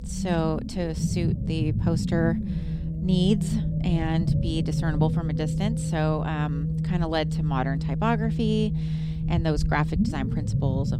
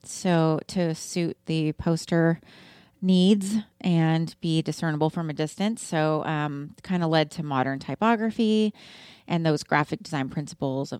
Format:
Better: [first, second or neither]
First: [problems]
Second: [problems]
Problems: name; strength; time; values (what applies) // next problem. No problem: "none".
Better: second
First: low rumble; loud; throughout; 6 dB below the speech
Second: none